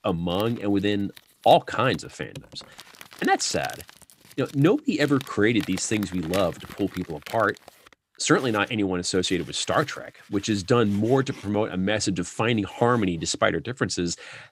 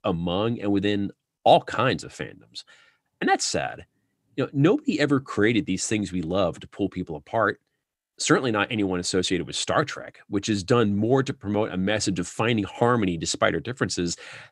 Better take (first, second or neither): second